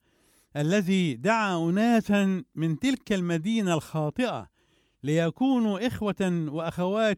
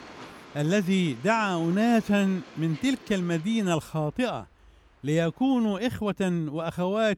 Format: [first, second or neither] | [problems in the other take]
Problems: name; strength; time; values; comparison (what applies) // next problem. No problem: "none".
first | train or aircraft noise; faint; throughout; 20 dB below the speech